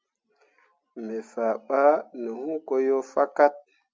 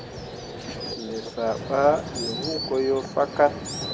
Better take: first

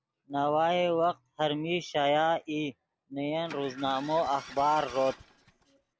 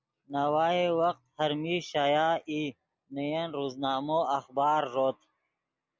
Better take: second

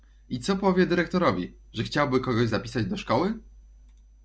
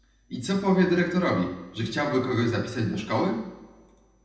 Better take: first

